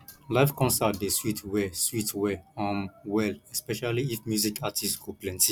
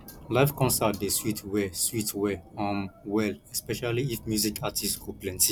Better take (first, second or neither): first